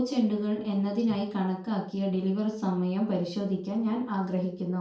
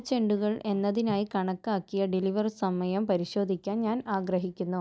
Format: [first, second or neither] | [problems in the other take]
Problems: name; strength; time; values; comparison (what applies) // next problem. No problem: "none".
second | room echo; dies away in 0.4 s